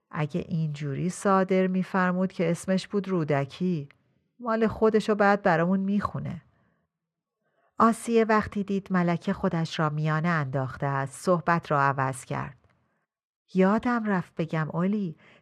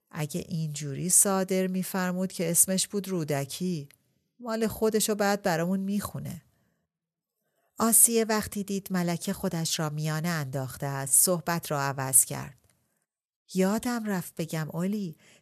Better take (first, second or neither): second